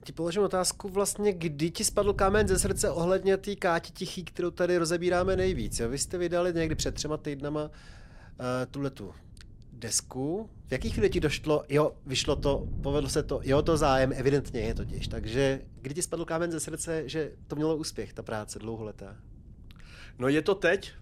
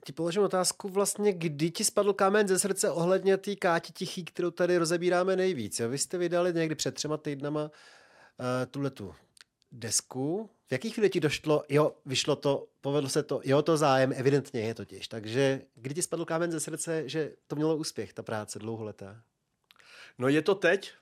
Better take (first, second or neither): second